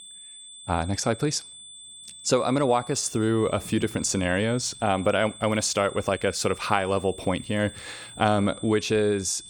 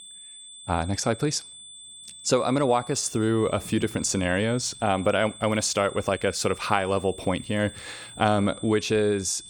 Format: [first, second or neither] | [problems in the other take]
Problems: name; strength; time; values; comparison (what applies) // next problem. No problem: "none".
neither | high-pitched whine; noticeable; throughout; 3.5 kHz, 15 dB below the speech; the same in both